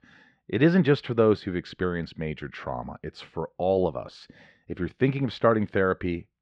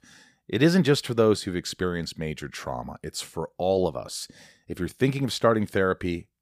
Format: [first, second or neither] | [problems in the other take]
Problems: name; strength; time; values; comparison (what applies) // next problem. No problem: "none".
second | muffled; slightly; fading above 3 kHz